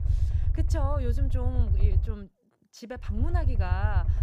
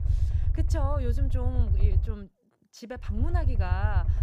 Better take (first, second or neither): neither